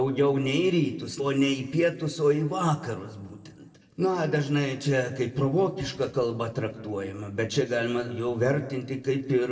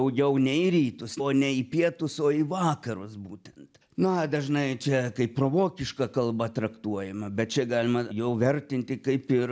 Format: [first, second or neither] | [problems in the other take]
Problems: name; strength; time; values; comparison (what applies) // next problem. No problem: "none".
second | room echo; dies away in 1 s